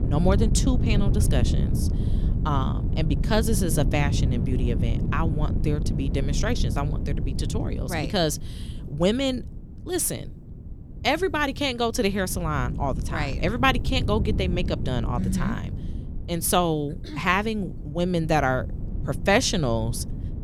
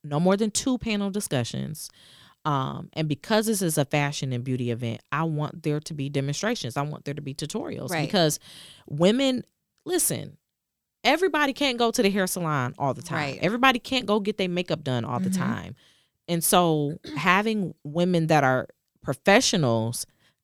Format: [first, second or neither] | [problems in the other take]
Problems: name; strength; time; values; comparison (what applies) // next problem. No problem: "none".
second | wind noise on the microphone; occasional gusts; 15 dB below the speech